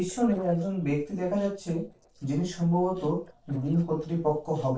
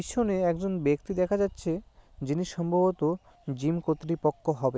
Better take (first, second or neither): second